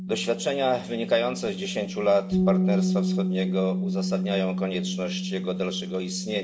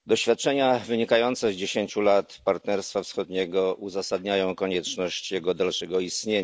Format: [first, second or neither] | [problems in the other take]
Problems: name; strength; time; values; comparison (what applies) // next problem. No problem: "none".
second | background sound (Bass guitar); as loud as the speech // room echo; dies away in 2.1 s